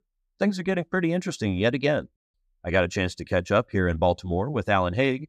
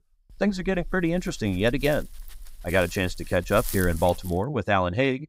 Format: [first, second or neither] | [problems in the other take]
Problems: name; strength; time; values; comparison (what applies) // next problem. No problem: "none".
first | dog barking; noticeable; until 4.5 s; peak 7 dB below the speech